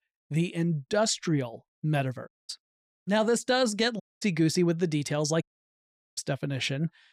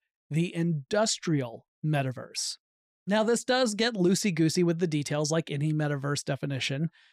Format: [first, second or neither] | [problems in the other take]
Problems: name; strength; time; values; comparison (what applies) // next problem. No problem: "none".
second | audio cutting out; at 2.5 s, at 4 s and at 5.5 s for 1 s